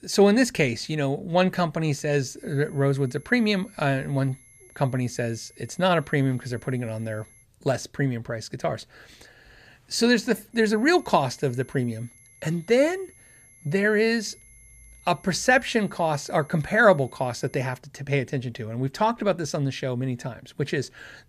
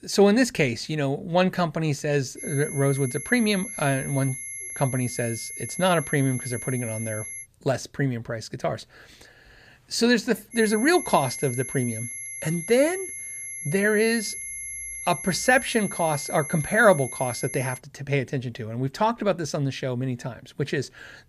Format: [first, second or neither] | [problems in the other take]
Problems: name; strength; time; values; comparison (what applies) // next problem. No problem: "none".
first | high-pitched whine; loud; from 2.5 to 7.5 s and from 11 to 18 s; 11 kHz, 8 dB below the speech; faint in the first